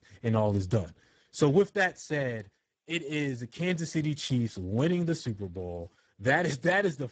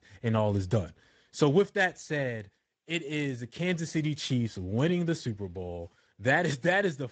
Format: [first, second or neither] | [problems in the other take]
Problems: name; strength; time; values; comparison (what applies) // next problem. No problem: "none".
second | garbled, watery; badly; nothing above 8 kHz; slightly in the second